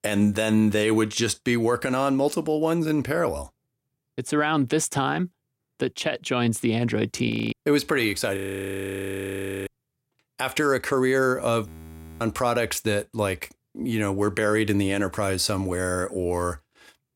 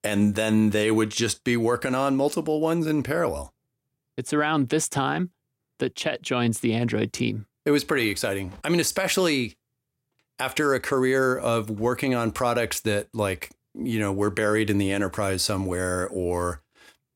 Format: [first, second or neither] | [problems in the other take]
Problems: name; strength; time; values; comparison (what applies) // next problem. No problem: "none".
second | audio freezing; at 7.5 s, at 8.5 s for 1.5 s and at 12 s for 0.5 s